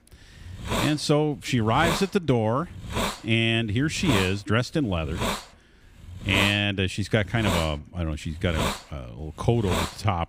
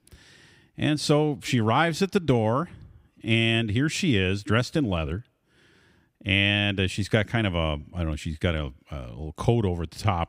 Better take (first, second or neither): second